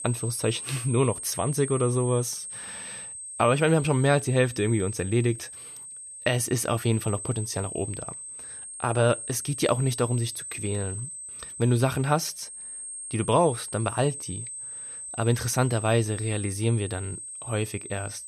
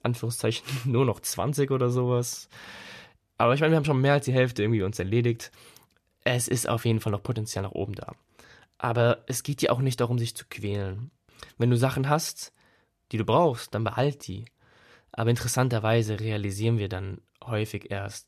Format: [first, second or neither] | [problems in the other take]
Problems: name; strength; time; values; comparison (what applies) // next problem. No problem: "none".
second | high-pitched whine; loud; throughout; 8.5 kHz, 9 dB below the speech